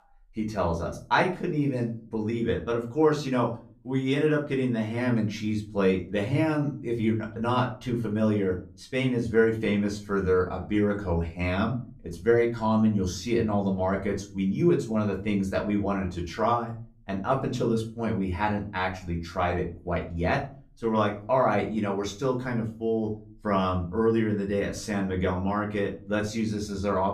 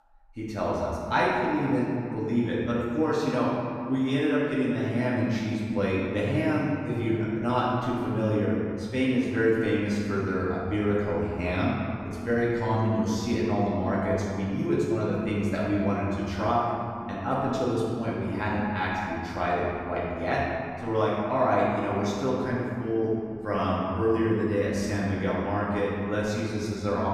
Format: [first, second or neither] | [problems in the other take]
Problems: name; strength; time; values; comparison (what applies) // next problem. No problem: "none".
first | room echo; strong; dies away in 2.2 s; slight in the first // off-mic speech; far; far in the first